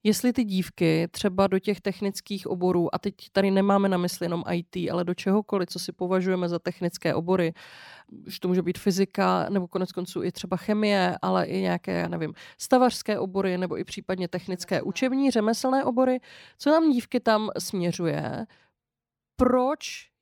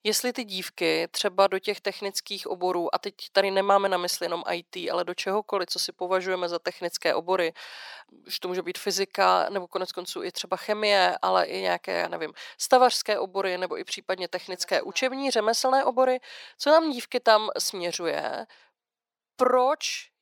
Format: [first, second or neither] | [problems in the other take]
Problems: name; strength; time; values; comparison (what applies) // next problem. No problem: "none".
first | thin; very; fading below 600 Hz